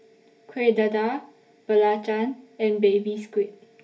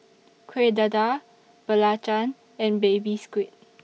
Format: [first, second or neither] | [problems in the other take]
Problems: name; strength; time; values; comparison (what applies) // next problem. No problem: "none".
second | room echo; dies away in 0.3 s